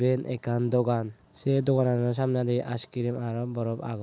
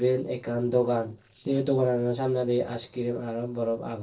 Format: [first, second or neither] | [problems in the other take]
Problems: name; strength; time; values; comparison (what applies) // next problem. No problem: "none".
first | noise reduction (neural separator model SepFormer DNS4)